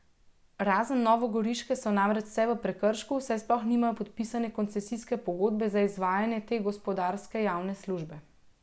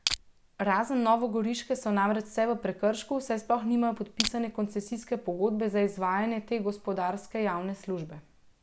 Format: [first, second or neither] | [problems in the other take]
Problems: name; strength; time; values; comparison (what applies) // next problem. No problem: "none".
first | background sound (Crushing); 3 dB below the speech